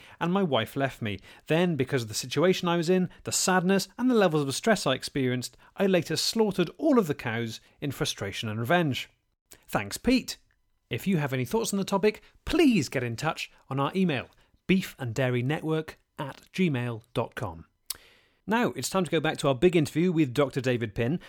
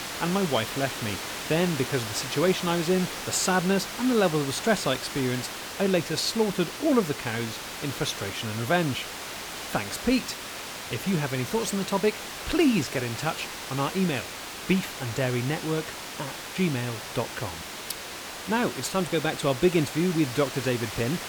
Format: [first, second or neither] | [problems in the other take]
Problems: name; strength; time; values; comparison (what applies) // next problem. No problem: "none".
first | hiss; loud; throughout; 7 dB below the speech